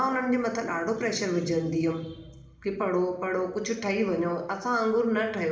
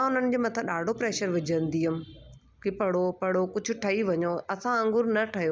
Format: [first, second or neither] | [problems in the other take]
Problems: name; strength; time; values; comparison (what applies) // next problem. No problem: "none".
second | room echo; dies away in 0.9 s